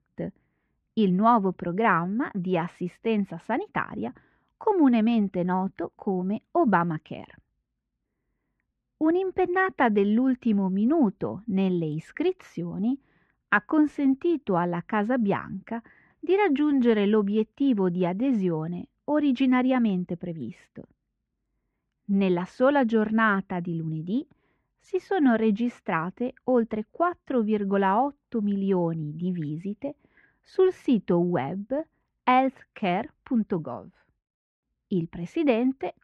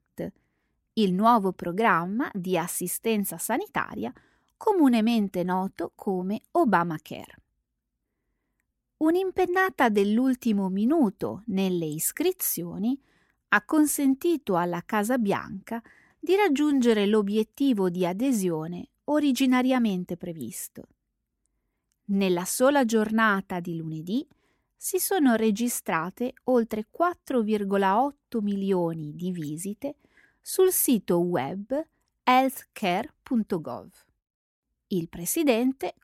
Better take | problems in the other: second | muffled; very; fading above 2.5 kHz

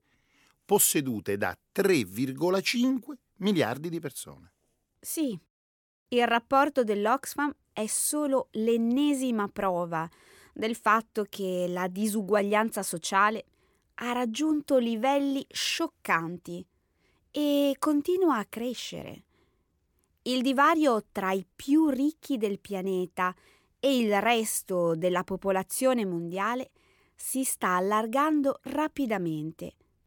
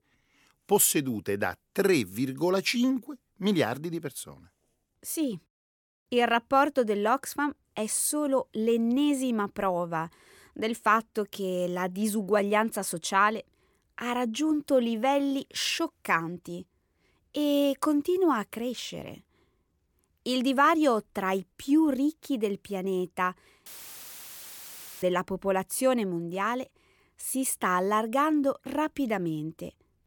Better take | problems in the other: first | audio cutting out; filled with static; at 24 s for 1.5 s

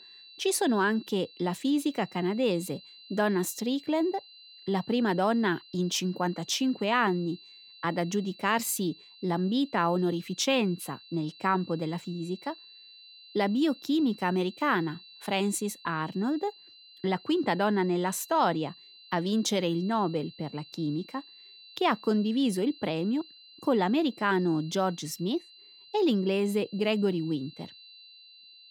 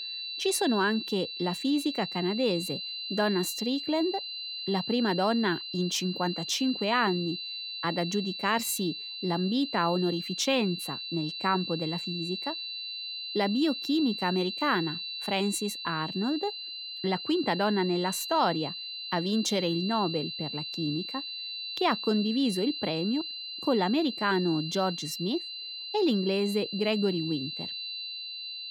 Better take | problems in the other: first | high-pitched whine; loud; throughout; 4 kHz, 6 dB below the speech; faint in the first

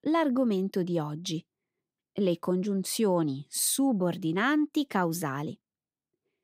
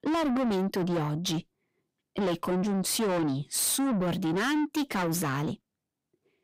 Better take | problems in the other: first | distortion; heavy; 7 dB below the speech

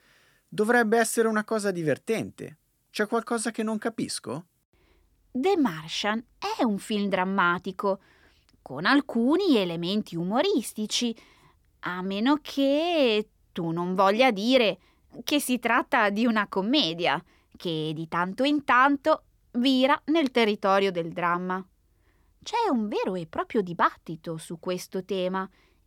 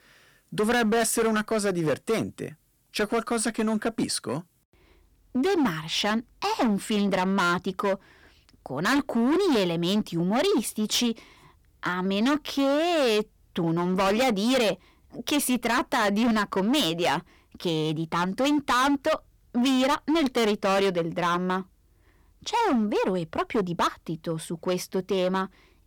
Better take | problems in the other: first | distortion; heavy; 15% of the sound clipped

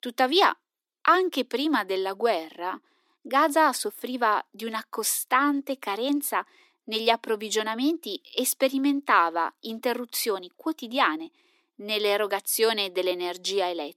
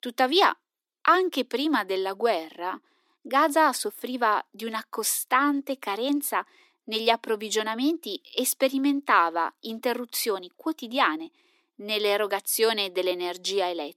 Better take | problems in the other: neither | thin; very slightly; fading below 300 Hz; the same in both

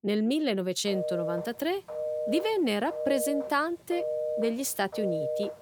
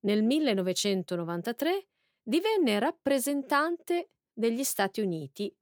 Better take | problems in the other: second | phone ringing; noticeable; from 1 s on; peak 1 dB below the speech

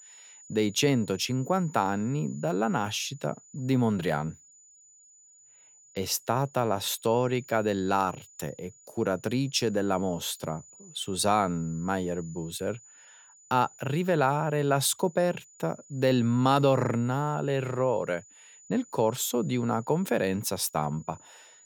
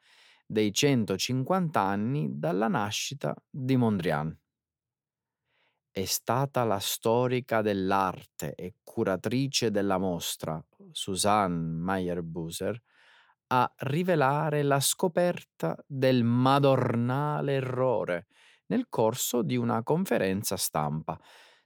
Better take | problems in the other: second | high-pitched whine; faint; throughout; 7 kHz, 25 dB below the speech

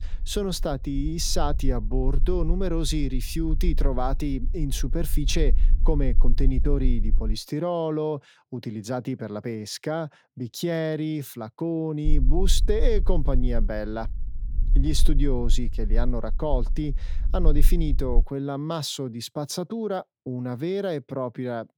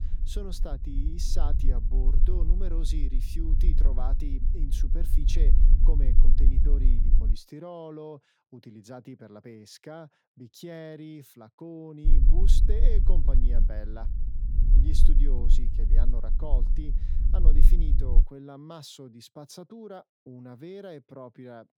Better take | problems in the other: first | low rumble; loud; until 7.5 s and from 12 to 18 s; 6 dB below the speech; faint in the first

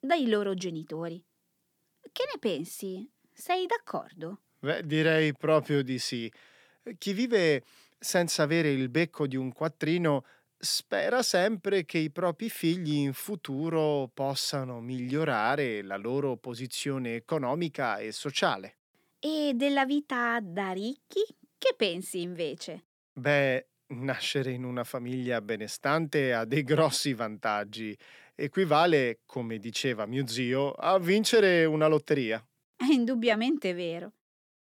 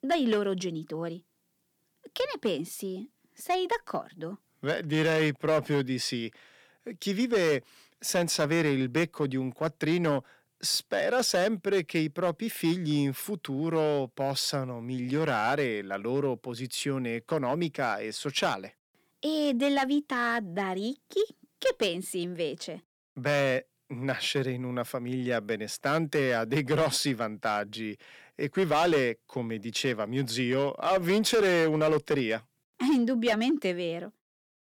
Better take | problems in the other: first | distortion; slight; 4% of the sound clipped

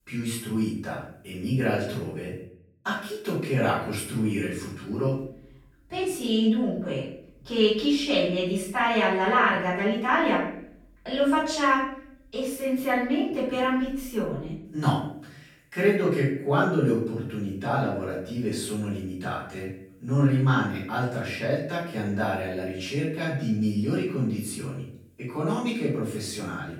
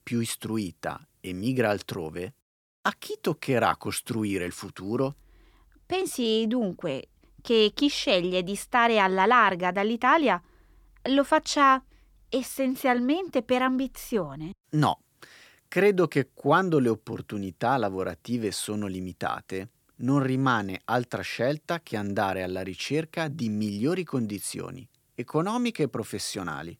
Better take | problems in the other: second | off-mic speech; far // room echo; noticeable; dies away in 0.6 s

